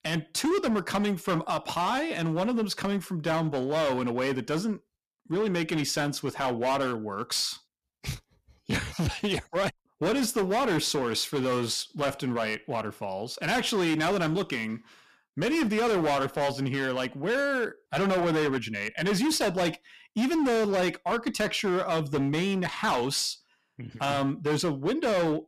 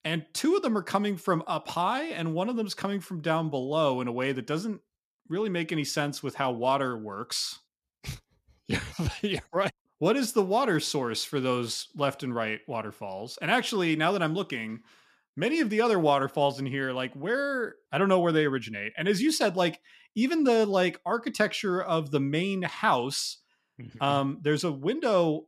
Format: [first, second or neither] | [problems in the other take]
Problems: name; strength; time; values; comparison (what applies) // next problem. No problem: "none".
second | distortion; heavy; 16% of the sound clipped